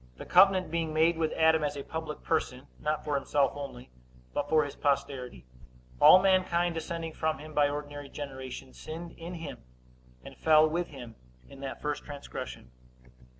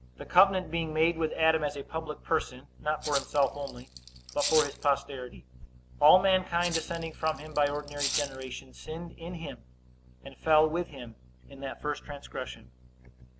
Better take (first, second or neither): first